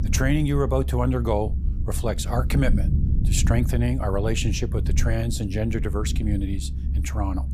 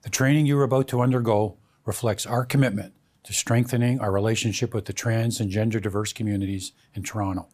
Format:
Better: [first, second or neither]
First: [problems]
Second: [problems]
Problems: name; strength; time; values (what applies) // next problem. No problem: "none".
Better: second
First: low rumble; noticeable; throughout; 15 dB below the speech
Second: none